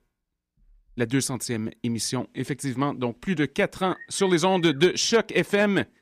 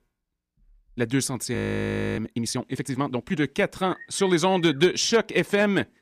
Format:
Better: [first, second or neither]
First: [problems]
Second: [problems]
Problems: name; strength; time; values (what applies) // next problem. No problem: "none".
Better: first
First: none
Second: audio freezing; at 1.5 s for 0.5 s